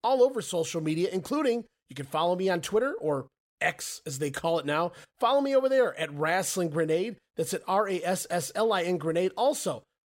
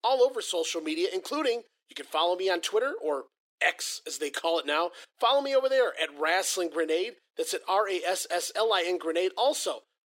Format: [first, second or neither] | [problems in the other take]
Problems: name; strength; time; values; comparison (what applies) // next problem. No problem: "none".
first | thin; somewhat; fading below 300 Hz